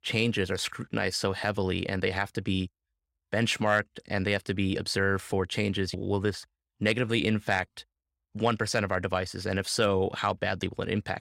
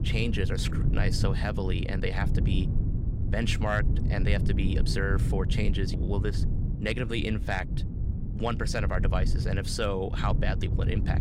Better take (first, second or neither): first